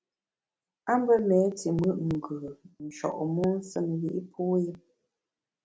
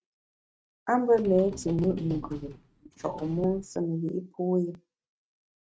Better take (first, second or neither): first